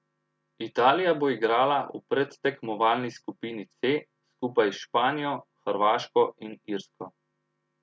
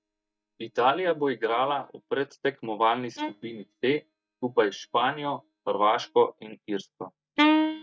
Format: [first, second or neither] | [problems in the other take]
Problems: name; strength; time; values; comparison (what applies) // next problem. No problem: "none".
first | noise reduction (neural mask model DeepFilterNet 3)